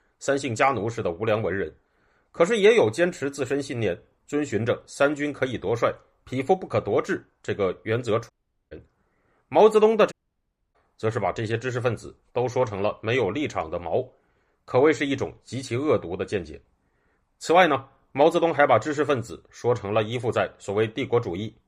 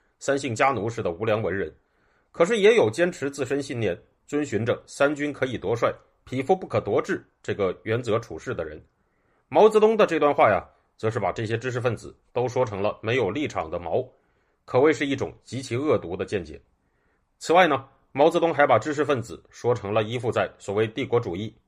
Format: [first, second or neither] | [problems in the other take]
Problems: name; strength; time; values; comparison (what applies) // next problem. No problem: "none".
second | audio cutting out; at 8.5 s and at 10 s for 0.5 s